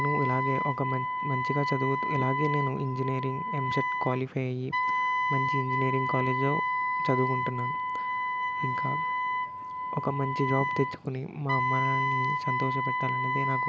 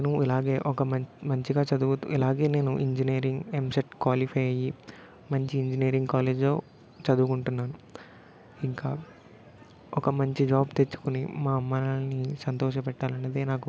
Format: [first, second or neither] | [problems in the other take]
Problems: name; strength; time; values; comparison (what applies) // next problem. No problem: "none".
second | background sound (Wind instrument, woodwind instrument); 2 dB above the speech